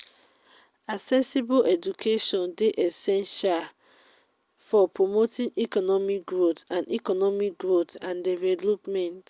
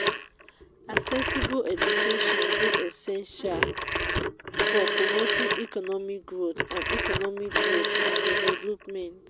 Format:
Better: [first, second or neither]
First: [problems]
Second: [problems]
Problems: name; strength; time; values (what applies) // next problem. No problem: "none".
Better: first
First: none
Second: background sound (Telephone); 4 dB above the speech